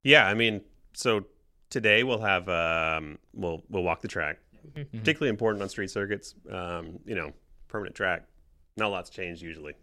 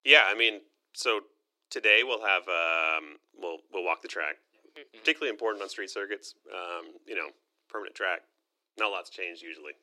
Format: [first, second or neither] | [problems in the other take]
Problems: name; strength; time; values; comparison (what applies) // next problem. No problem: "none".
first | thin; very; fading below 300 Hz